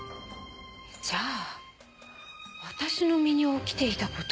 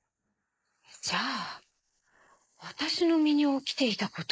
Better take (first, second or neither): first